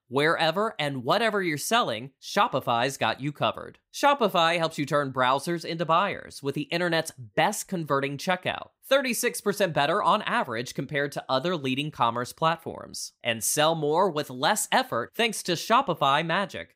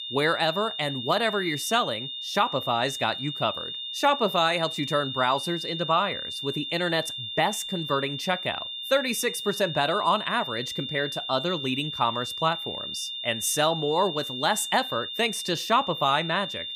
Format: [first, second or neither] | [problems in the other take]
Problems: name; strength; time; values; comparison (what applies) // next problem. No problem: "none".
first | high-pitched whine; loud; throughout; 3.5 kHz, 6 dB below the speech